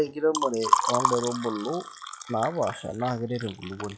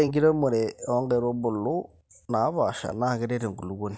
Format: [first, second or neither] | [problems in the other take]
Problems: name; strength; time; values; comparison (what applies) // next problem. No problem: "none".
second | noise reduction (classical method log-MMSE)